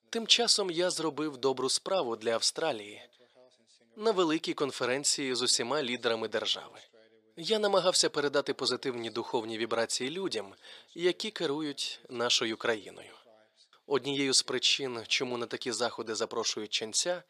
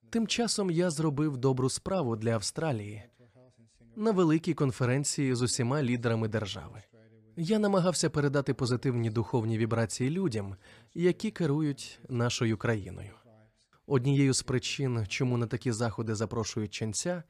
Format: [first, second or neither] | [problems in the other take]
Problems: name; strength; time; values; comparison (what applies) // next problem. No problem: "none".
second | thin; somewhat; fading below 450 Hz